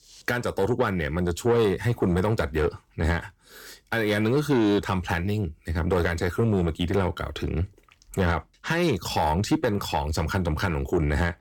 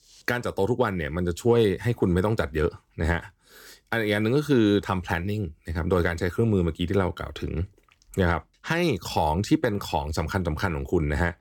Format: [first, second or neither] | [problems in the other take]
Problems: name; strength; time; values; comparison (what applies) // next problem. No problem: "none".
second | distortion; slight; 10 dB below the speech